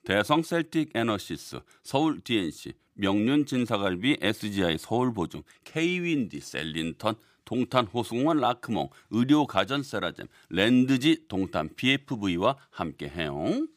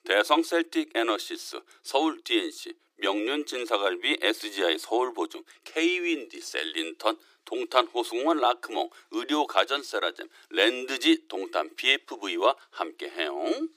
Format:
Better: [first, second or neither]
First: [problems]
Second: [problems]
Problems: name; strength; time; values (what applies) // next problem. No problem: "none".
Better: first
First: none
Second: thin; very; fading below 350 Hz